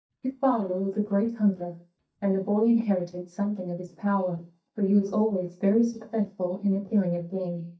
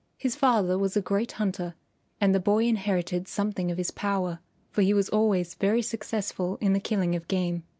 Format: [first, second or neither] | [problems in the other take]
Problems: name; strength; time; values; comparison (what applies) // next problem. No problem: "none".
second | noise reduction (neural mask model DeepFilterNet 3)